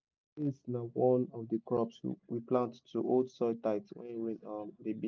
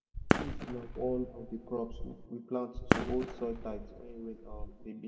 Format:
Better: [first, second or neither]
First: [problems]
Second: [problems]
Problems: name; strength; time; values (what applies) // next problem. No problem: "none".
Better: first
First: none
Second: background sound (Fireworks); 3 dB above the speech // room echo; dies away in 1.2 s